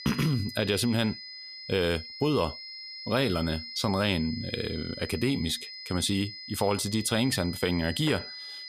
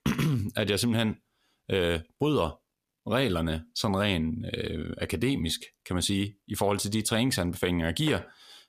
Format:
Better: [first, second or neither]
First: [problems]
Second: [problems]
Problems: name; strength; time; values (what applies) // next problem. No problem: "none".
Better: second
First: high-pitched whine; noticeable; throughout; 5 kHz, 10 dB below the speech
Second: none